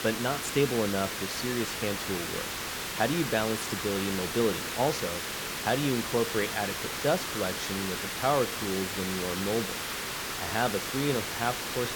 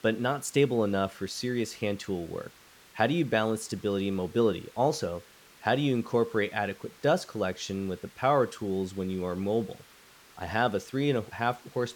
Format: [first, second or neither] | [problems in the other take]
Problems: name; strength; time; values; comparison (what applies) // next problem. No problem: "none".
second | hiss; loud; throughout; 2 dB below the speech; faint in the second